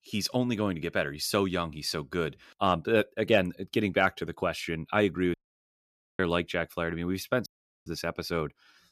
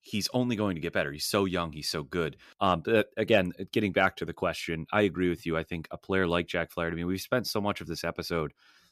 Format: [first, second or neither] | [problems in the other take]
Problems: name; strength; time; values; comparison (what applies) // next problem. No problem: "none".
second | audio cutting out; at 5.5 s for 1 s and at 7.5 s